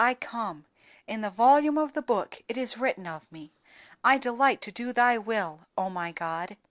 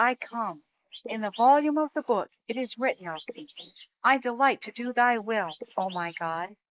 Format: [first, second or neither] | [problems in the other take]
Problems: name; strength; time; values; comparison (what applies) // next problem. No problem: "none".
first | noise reduction (neural mask model Resemble Enhance denoiser)